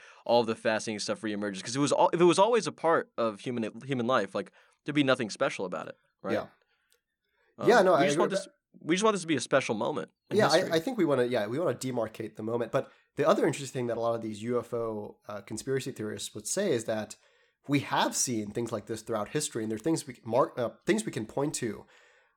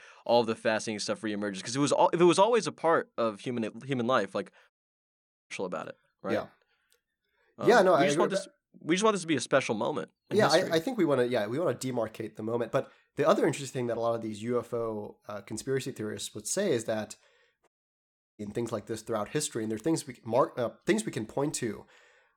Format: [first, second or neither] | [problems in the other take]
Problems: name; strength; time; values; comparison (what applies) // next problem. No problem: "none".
first | audio cutting out; at 4.5 s for 1 s and at 18 s for 0.5 s